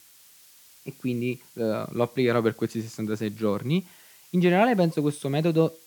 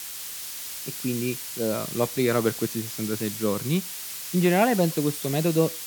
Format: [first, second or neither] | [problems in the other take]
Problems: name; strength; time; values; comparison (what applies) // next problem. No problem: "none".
first | hiss; loud; throughout; 7 dB below the speech; faint in the first